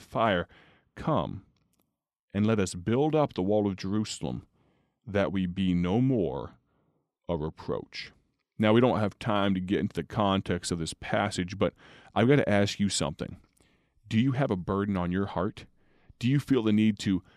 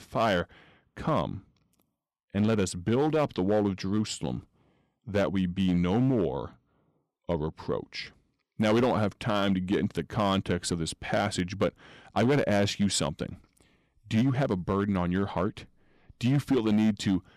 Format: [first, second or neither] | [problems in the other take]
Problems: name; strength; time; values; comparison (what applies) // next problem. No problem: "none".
first | distortion; slight; 5% of the sound clipped